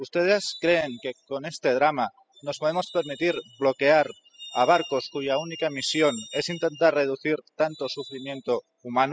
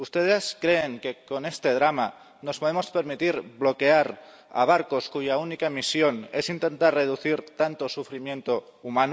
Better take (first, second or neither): second